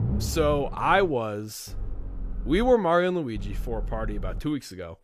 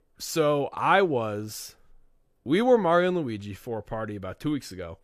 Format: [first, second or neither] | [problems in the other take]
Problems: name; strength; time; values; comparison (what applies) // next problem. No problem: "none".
second | low rumble; faint; until 1 s, from 1.5 to 2.5 s and from 3.5 to 4.5 s; 25 dB below the speech